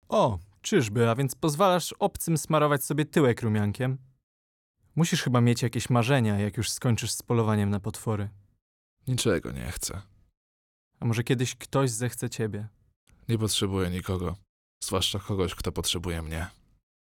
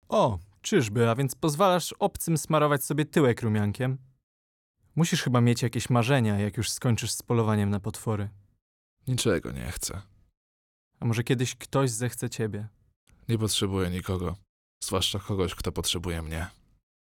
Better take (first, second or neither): neither